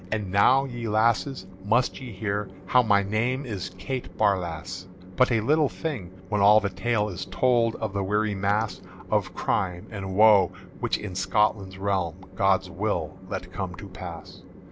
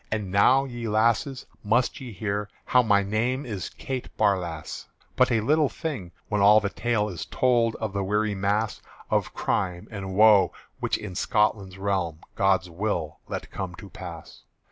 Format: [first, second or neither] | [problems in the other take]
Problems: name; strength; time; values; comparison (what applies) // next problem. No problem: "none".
second | background sound (Train); 17 dB below the speech